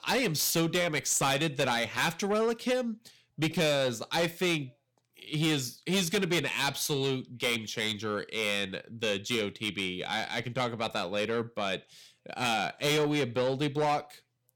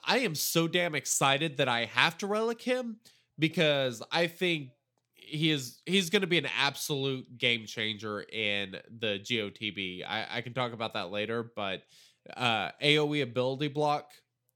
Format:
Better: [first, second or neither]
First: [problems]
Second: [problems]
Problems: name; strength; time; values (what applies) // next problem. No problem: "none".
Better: second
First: distortion; heavy; 6 dB below the speech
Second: none